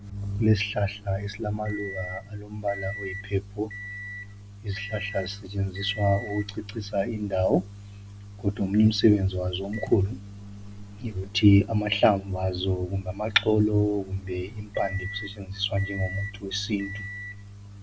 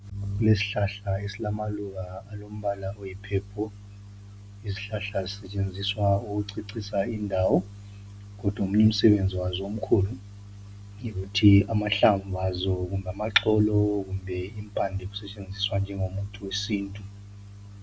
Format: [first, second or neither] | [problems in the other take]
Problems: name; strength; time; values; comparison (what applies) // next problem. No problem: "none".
second | background sound (Microwave oven); 16 dB below the speech